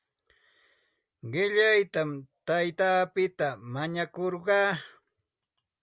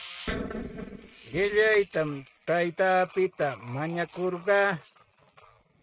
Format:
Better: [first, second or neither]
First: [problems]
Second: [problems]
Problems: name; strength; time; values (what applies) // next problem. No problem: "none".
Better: first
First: none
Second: noise reduction (neural mask model RNNoise)